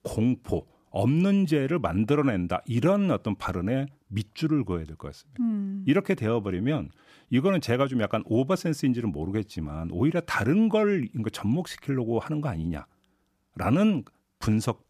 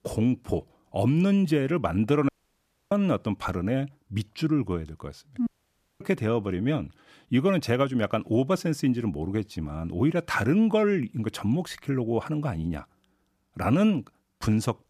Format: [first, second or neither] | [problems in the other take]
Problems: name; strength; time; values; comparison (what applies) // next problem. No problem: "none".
first | audio cutting out; at 2.5 s for 0.5 s and at 5.5 s for 0.5 s